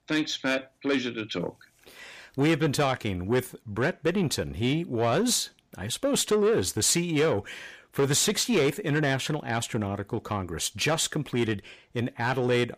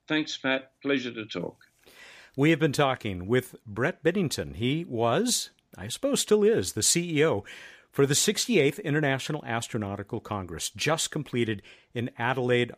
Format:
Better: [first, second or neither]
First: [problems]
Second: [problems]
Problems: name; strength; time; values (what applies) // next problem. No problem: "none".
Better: second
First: distortion; slight; 10 dB below the speech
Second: none